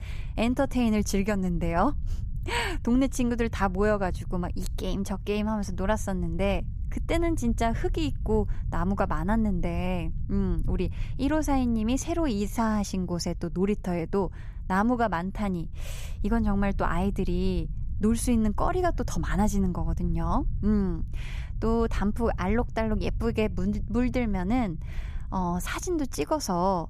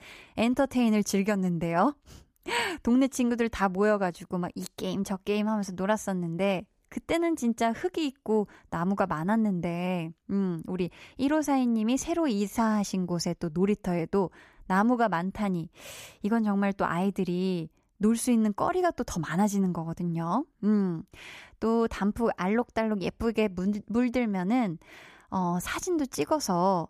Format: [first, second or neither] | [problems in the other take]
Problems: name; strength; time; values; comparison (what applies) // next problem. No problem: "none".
second | low rumble; faint; throughout; 20 dB below the speech